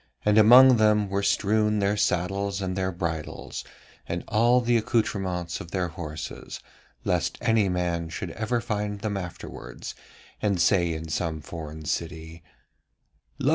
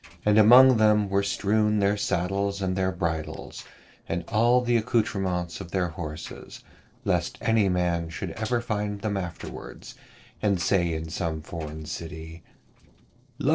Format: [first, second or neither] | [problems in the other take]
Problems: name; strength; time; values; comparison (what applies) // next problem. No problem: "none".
first | noise reduction (neural separator model SepFormer DNS4)